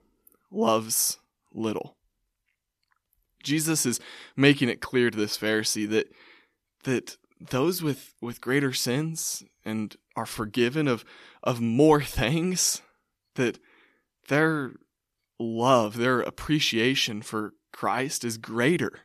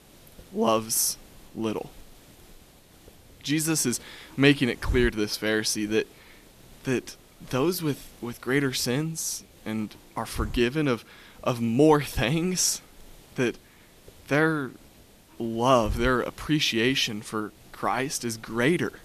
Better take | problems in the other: first | hiss; noticeable; throughout; 20 dB below the speech

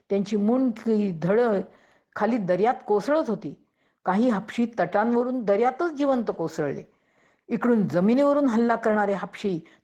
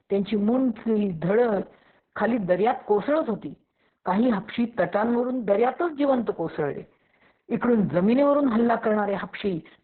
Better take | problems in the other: first | garbled, watery; badly; nothing above 4 kHz; slightly in the first

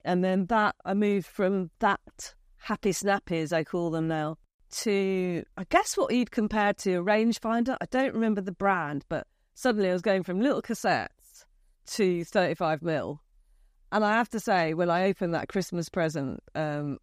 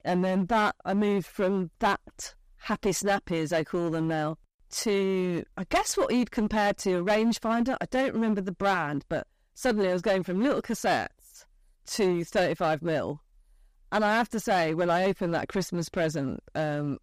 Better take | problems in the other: first | distortion; slight; 8% of the sound clipped

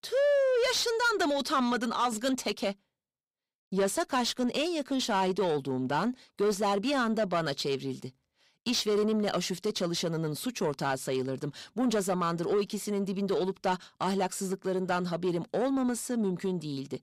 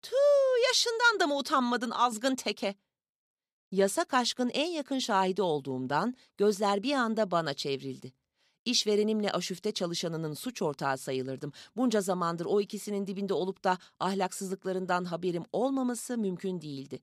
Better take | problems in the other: second | distortion; slight; 10 dB below the speech

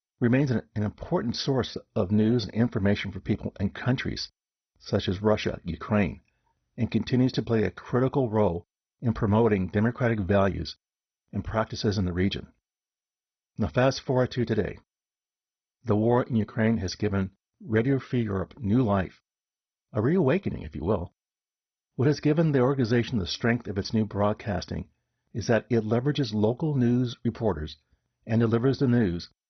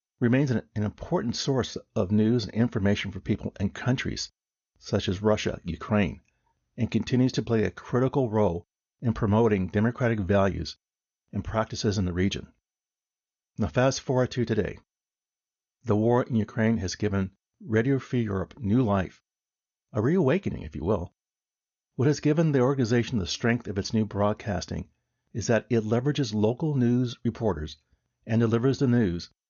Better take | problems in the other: second | garbled, watery; badly; nothing above 6 kHz; slightly in the second

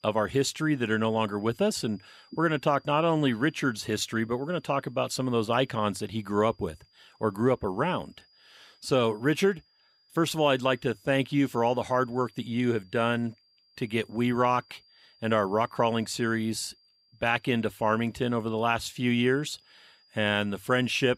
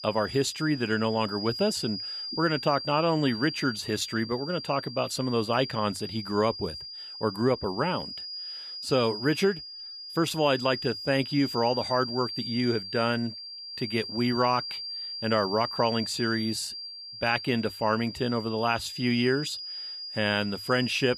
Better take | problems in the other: first | high-pitched whine; loud; throughout; 4.5 kHz, 8 dB below the speech; faint in the first

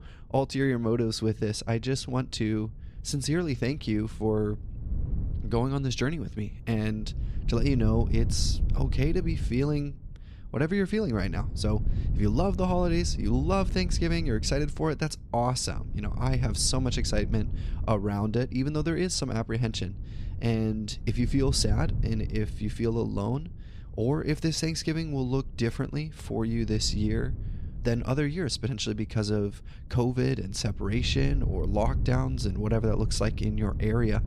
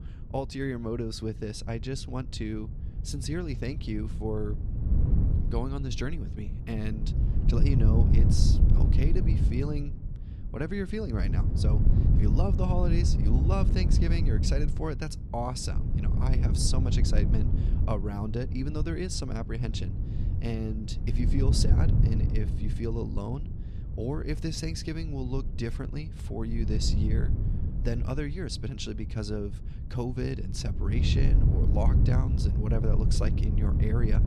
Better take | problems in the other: first | wind noise on the microphone; heavy; 5 dB below the speech; occasional gusts in the first

